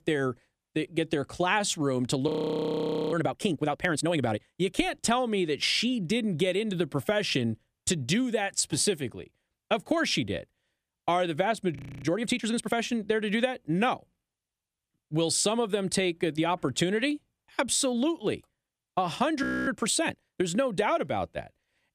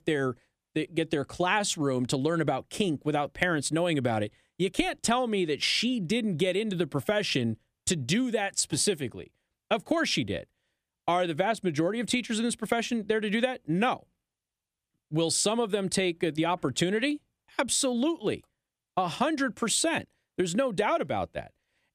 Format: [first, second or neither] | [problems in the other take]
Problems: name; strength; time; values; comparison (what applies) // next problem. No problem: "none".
second | audio freezing; at 2.5 s for 1 s, at 12 s and at 19 s